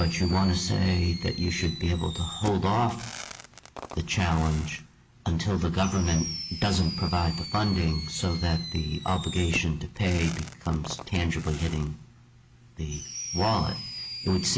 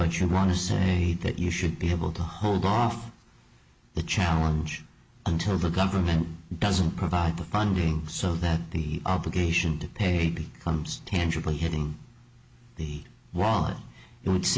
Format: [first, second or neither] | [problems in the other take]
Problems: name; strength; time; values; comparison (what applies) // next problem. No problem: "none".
second | background sound (Fireworks); 12 dB below the speech